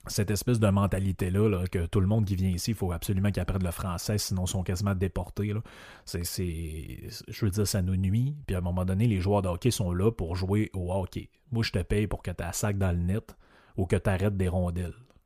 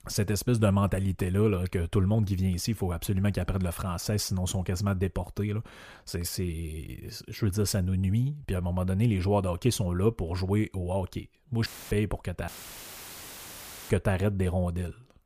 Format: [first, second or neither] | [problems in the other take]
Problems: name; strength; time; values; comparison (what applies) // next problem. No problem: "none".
first | audio cutting out; filled with static; at 12 s for 1.5 s